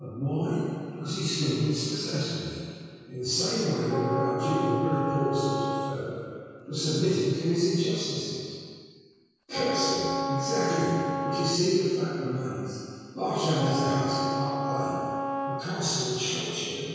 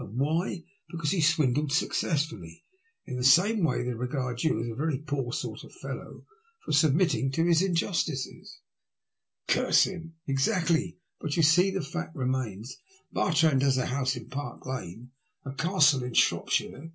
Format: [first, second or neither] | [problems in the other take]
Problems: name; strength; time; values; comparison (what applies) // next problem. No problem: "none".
second | background sound (Wind instrument, woodwind instrument); 4 dB below the speech // room echo; dies away in 2.2 s